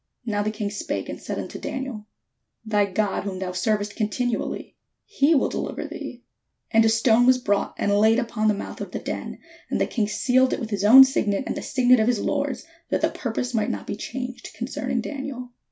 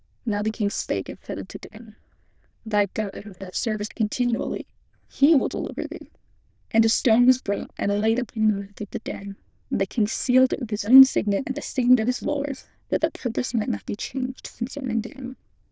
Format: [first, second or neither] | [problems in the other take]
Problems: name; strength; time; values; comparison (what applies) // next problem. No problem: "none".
first | noise reduction (neural diffusion model UNIVERSE++)